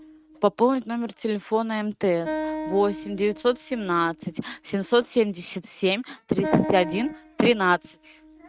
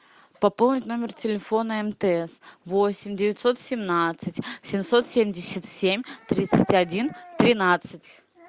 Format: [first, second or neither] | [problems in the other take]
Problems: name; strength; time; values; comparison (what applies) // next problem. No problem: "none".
second | noise reduction (neural mask model RNNoise)